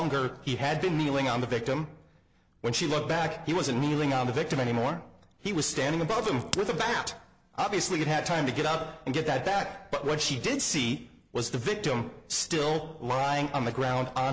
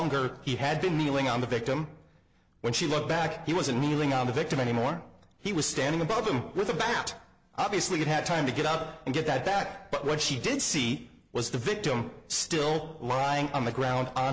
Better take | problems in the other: second | background sound (Crack); 13 dB below the speech

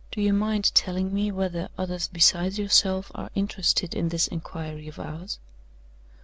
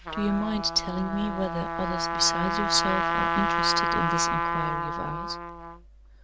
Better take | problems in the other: first | background sound (Trumpet); 1 dB above the speech

